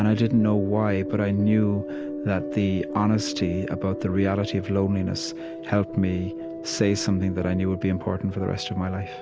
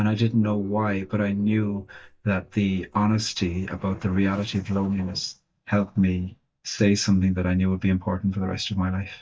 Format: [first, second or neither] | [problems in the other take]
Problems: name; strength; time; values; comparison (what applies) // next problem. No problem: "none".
first | noise reduction (neural mask model DeepFilterNet 3)